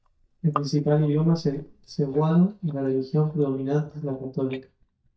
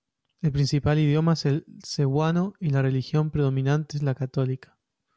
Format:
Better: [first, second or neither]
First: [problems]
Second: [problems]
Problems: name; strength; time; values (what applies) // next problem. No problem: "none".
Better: second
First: noise reduction (neural mask model DeepFilterNet 3)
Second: none